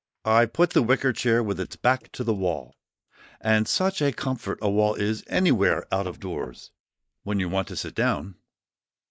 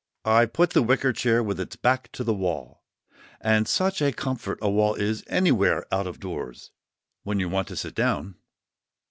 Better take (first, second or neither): second